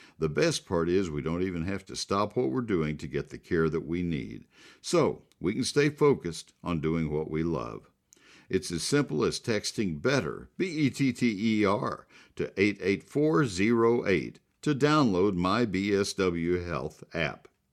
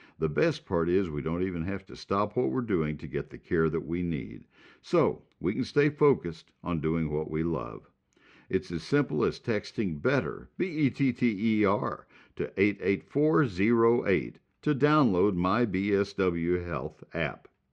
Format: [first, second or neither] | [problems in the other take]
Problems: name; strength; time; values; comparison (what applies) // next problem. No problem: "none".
first | muffled; slightly; fading above 2.5 kHz